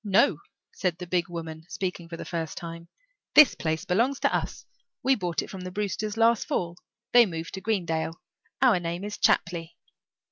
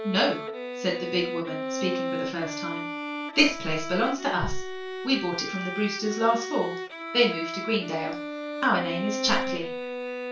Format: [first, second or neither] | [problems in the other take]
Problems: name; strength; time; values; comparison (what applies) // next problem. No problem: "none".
first | background sound (Bowed string instrument); 5 dB below the speech // room echo; dies away in 0.3 s